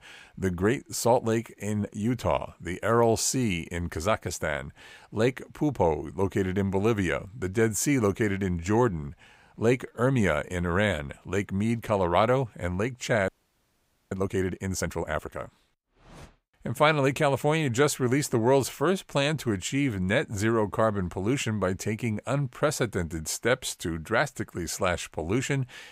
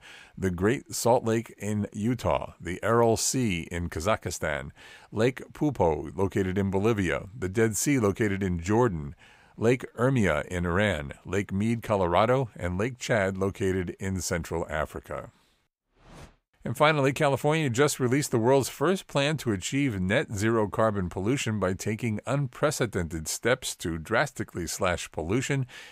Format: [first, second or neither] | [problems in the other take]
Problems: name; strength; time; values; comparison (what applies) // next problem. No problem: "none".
second | audio freezing; at 13 s for 1 s